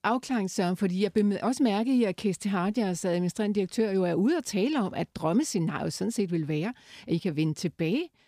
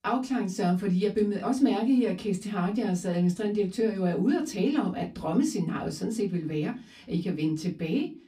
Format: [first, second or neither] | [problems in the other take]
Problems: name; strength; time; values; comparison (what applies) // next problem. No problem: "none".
first | off-mic speech; far // room echo; very slight; dies away in 0.2 s